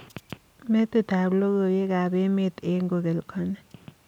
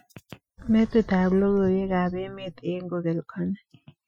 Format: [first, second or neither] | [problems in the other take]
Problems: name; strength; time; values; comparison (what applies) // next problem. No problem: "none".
first | noise reduction (classical method Wiener filter)